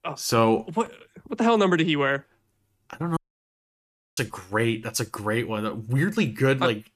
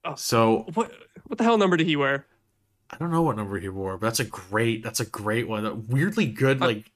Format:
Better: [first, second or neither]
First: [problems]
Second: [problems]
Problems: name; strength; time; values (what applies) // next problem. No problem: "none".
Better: second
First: audio cutting out; at 3 s for 1 s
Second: none